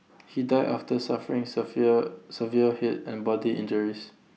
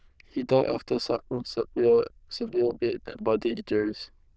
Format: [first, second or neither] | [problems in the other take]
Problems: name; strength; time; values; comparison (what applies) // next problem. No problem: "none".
first | noise reduction (neural diffusion model UNIVERSE++)